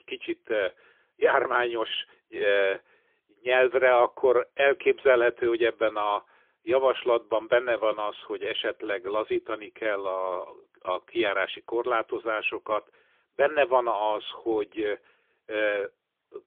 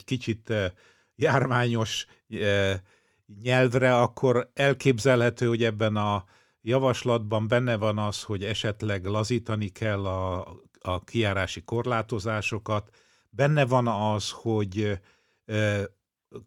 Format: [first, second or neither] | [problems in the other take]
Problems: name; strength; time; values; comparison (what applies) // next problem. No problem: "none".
second | phone-call audio; poor line; nothing above 3.5 kHz